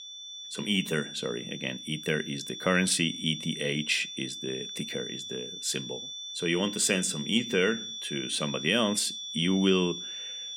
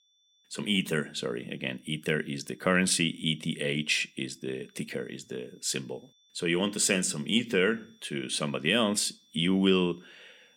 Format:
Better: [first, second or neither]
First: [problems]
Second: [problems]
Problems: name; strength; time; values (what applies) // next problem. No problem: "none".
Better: second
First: high-pitched whine; loud; throughout; 3.5 kHz, 8 dB below the speech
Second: high-pitched whine; faint; throughout; 3.5 kHz, 35 dB below the speech